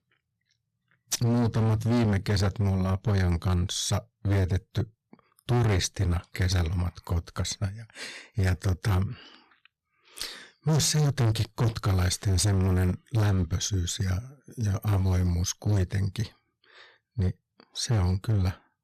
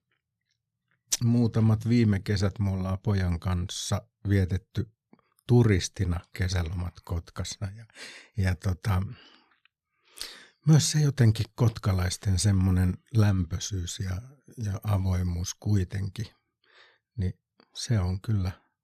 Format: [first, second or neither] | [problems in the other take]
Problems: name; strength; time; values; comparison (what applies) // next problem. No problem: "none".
second | distortion; heavy; 15% of the sound clipped